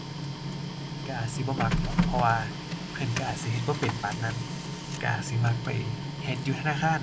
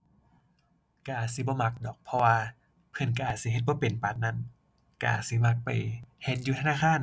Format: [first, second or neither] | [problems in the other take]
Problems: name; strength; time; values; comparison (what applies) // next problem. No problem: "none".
second | background sound (Printer); 2 dB below the speech